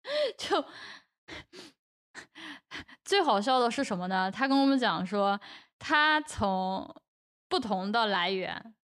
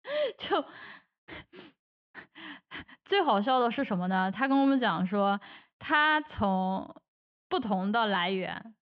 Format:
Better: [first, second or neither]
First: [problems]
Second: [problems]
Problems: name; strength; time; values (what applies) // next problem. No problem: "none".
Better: first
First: none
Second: muffled; very; fading above 3 kHz